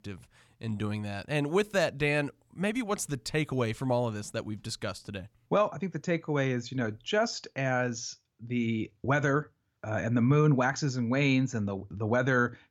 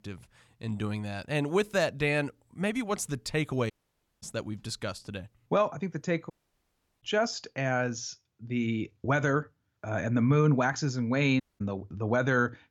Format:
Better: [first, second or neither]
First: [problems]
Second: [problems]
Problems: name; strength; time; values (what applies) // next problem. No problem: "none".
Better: first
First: none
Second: audio cutting out; at 3.5 s for 0.5 s, at 6.5 s for 0.5 s and at 11 s